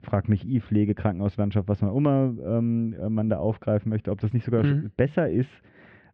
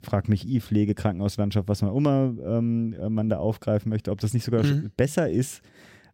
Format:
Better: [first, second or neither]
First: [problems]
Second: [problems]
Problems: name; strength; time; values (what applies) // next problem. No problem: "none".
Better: second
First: muffled; very; fading above 2.5 kHz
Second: none